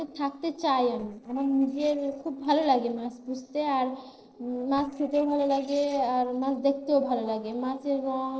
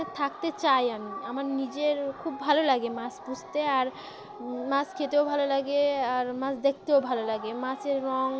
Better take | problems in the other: second | noise reduction (neural separator model SepFormer DNS4)

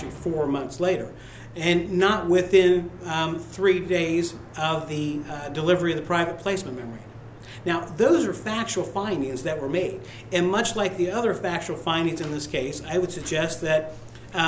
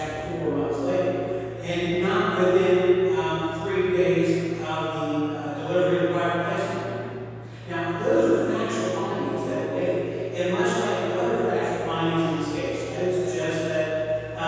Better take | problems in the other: first | room echo; dies away in 2.2 s

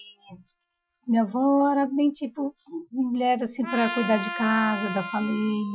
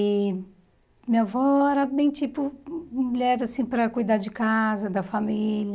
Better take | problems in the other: second | noise reduction (classical method Wiener filter)

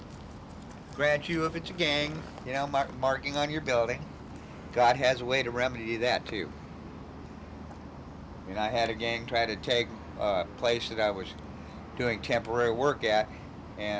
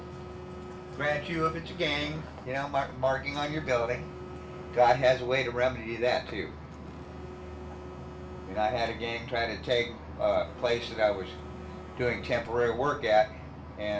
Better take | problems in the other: first | background sound (Telephone); 19 dB below the speech // room echo; dies away in 0.3 s

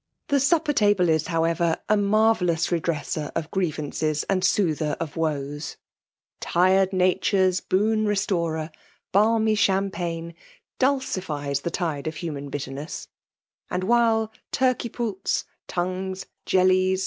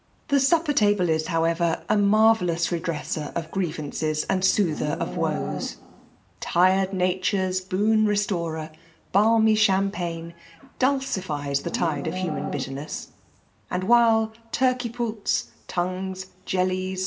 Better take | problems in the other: first | background sound (Livestock, farm animals, working animals); 15 dB below the speech // room echo; dies away in 0.4 s

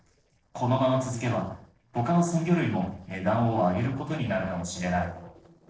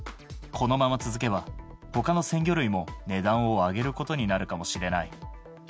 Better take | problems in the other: second | noise reduction (neural separator model SepFormer DNS4)

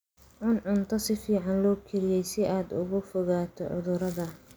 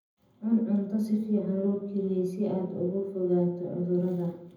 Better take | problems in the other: first | room echo; dies away in 0.8 s

